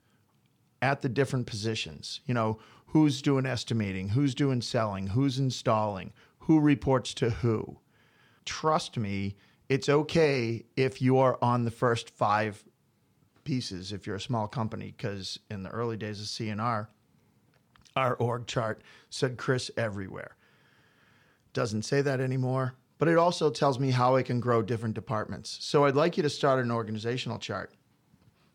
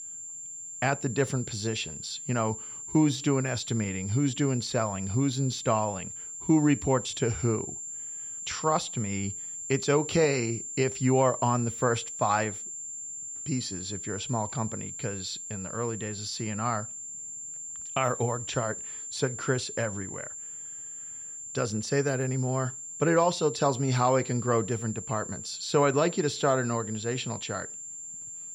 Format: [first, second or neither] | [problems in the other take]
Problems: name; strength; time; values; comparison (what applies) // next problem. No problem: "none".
first | high-pitched whine; loud; throughout; 7.5 kHz, 8 dB below the speech